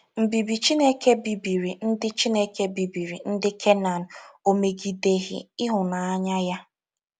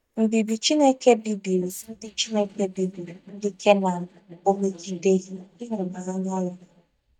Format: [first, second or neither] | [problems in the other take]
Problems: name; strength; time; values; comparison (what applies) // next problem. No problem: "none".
first | noise reduction (neural mask model DeepFilterNet 3)